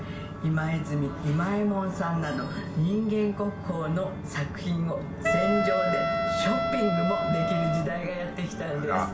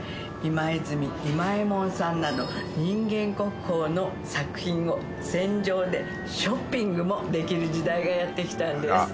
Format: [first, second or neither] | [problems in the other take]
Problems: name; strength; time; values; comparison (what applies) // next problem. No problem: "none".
second | background sound (Wind instrument, woodwind instrument); as loud as the speech // room echo; dies away in 0.4 s